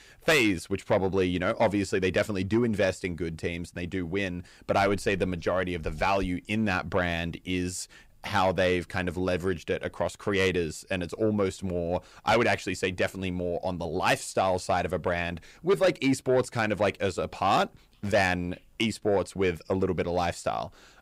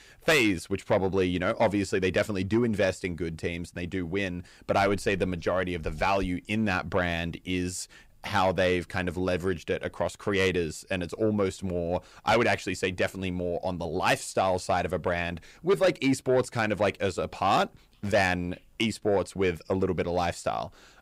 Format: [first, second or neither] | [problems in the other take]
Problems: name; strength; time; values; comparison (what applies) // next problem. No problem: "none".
neither | distortion; slight; 10 dB below the speech; the same in both